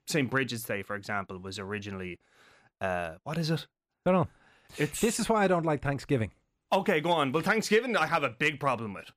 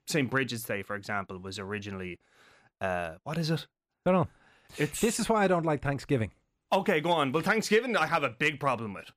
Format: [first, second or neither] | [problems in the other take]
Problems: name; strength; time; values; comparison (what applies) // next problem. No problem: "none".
neither | none